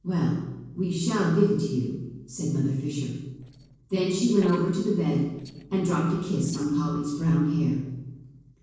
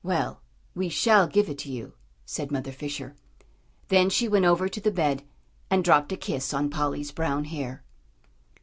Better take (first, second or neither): second